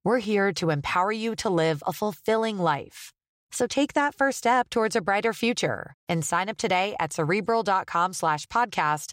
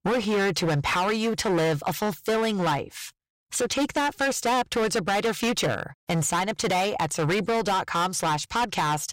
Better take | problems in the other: first | distortion; heavy; 22% of the sound clipped

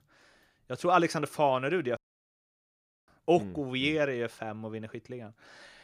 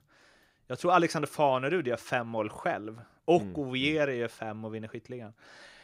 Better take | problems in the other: second | audio cutting out; at 2 s for 1 s

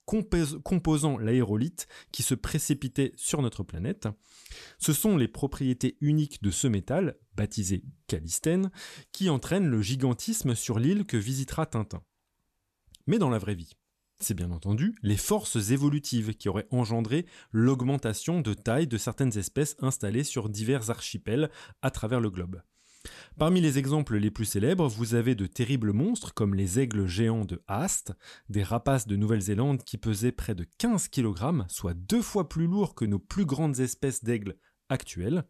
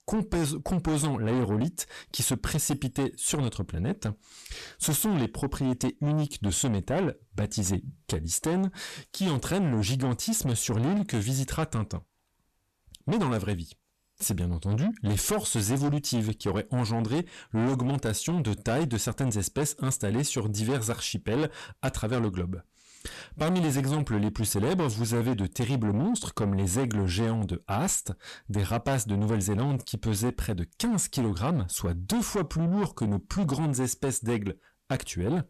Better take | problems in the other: first | distortion; heavy; 7 dB below the speech

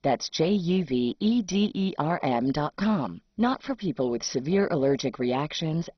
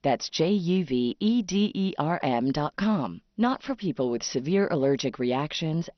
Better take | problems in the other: second | garbled, watery; badly; nothing above 6 kHz; slightly in the second

